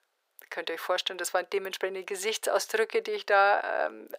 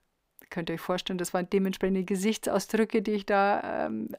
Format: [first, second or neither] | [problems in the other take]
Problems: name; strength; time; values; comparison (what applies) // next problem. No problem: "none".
second | thin; very; fading below 450 Hz